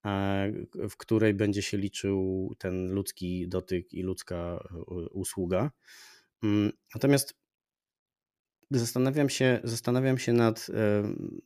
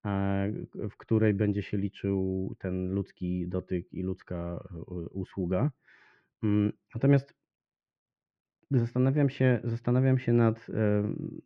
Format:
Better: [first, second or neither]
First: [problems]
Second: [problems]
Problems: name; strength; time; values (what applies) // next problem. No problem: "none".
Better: first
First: none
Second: muffled; very; fading above 2.5 kHz